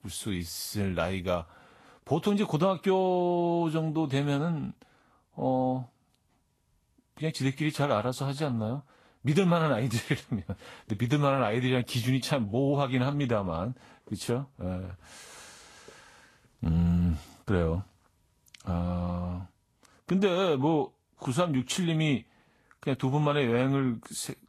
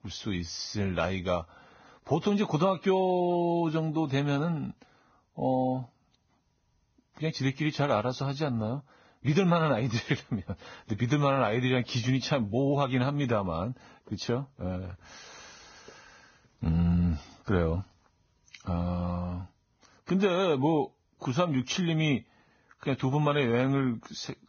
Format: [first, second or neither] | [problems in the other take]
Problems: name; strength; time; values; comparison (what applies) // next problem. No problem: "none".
first | garbled, watery; badly; nothing above 6.5 kHz; slightly in the first